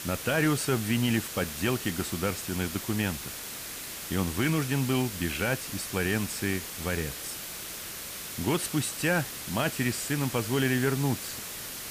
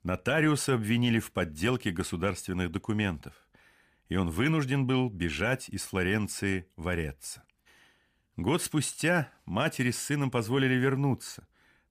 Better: second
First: hiss; loud; throughout; 7 dB below the speech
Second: none

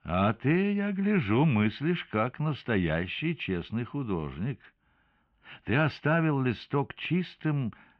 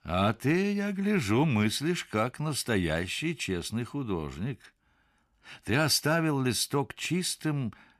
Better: second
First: muffled; very; fading above 3 kHz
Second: none

